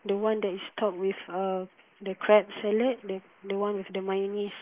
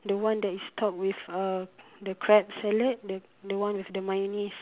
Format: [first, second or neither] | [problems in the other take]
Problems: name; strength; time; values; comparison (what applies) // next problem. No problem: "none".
second | noise reduction (neural mask model Resemble Enhance denoiser)